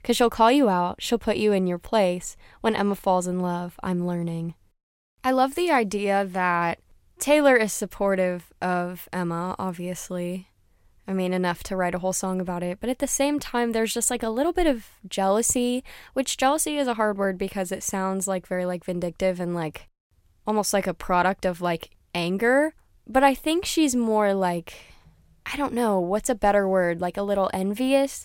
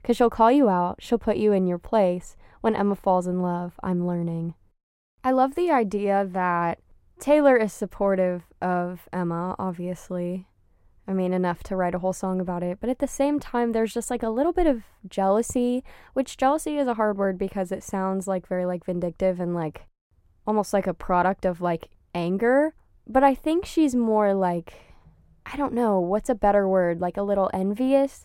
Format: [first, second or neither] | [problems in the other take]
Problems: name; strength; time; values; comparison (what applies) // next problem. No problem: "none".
first | muffled; slightly; fading above 2 kHz